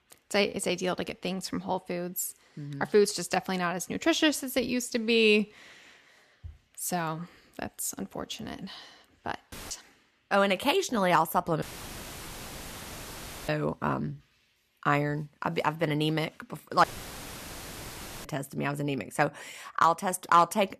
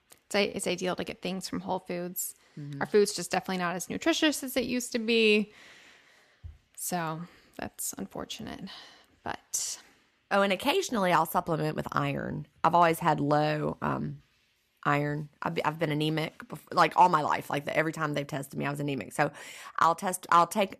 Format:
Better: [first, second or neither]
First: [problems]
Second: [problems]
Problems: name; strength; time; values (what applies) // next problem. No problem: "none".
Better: second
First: audio cutting out; filled with static; at 9.5 s, at 12 s for 2 s and at 17 s for 1.5 s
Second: none